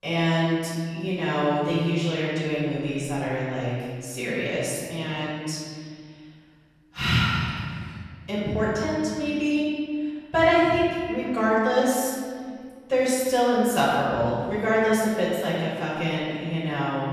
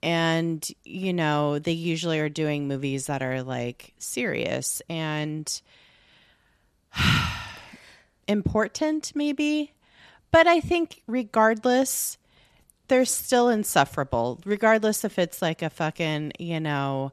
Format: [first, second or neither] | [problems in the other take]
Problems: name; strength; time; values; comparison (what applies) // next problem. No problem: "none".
second | room echo; strong; dies away in 1.9 s // off-mic speech; far